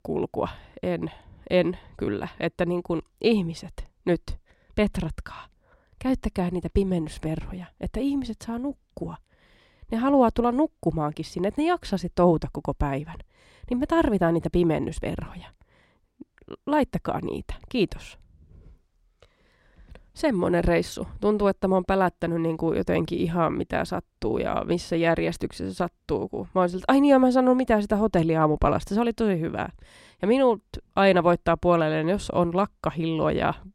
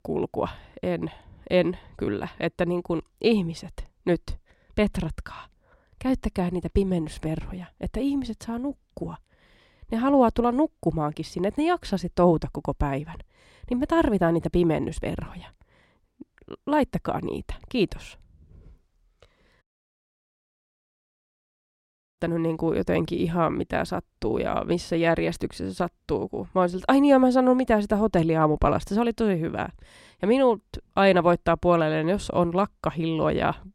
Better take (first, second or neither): first